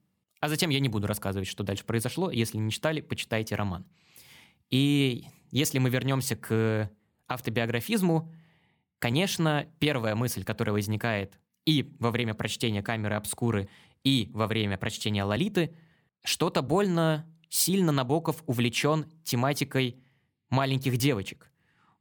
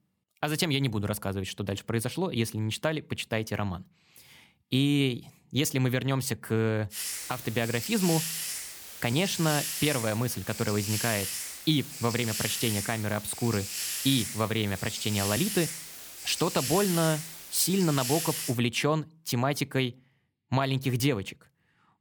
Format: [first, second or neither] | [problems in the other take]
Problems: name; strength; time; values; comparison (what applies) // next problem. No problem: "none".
first | hiss; loud; from 7 to 19 s; 4 dB below the speech